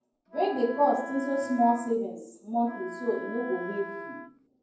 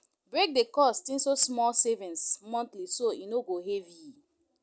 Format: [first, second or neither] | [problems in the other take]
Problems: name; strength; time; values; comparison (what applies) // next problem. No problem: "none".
second | background sound (Wind instrument, woodwind instrument); 12 dB below the speech // room echo; dies away in 0.9 s